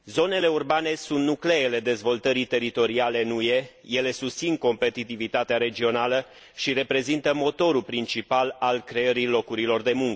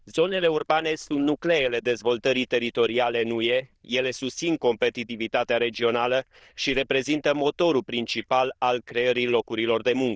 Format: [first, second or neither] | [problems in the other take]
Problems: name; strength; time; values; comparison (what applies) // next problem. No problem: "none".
first | noise reduction (neural diffusion model UNIVERSE++)